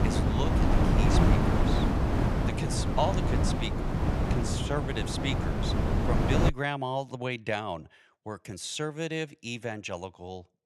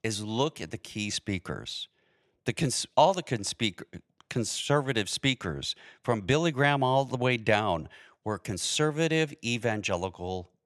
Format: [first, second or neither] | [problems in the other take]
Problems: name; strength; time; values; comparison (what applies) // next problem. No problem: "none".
second | wind noise on the microphone; heavy; until 6.5 s; 2 dB above the speech